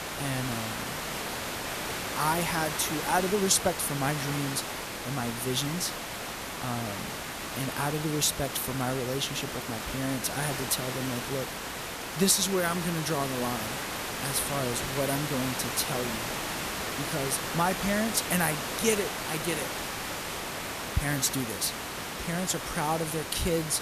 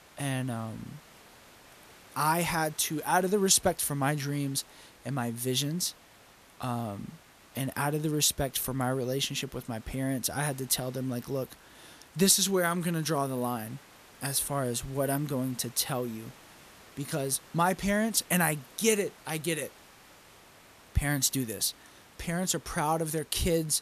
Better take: second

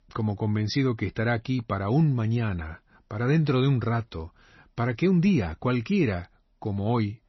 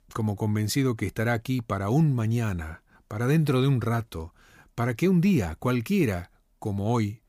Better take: second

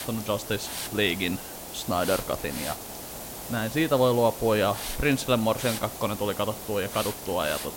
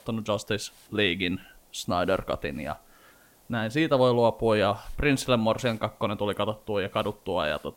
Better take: second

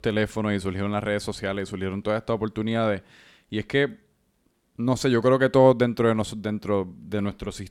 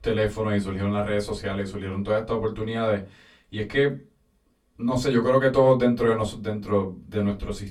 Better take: first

